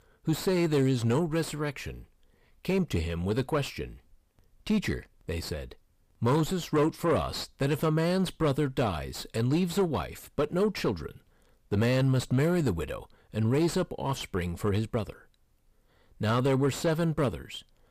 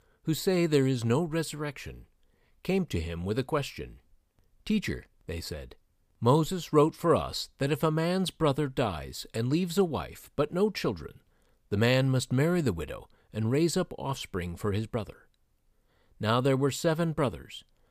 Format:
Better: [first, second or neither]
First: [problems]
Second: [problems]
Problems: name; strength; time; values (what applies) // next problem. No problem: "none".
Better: second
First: distortion; slight; 10 dB below the speech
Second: none